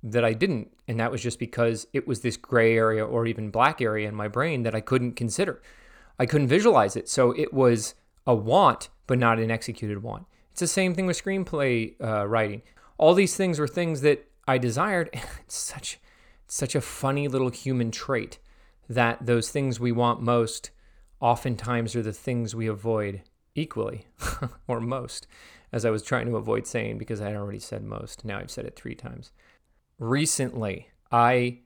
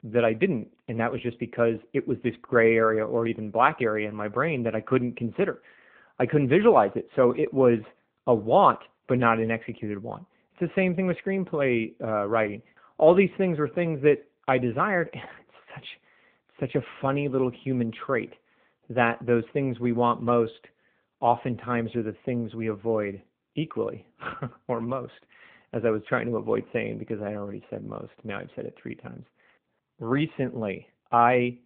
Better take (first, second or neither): first